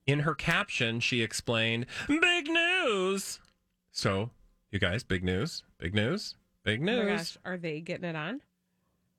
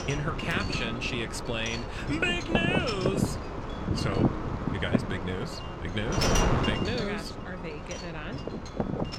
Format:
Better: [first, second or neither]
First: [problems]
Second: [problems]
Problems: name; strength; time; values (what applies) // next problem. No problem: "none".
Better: first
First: none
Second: wind noise on the microphone; heavy; 1 dB below the speech